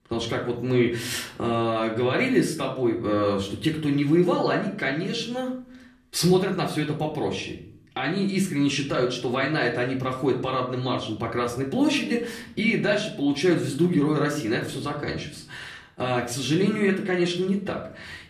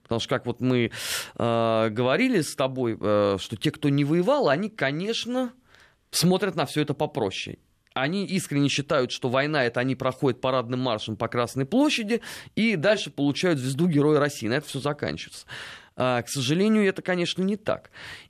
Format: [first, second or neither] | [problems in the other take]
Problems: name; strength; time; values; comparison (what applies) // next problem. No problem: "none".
second | off-mic speech; far // room echo; slight; dies away in 0.5 s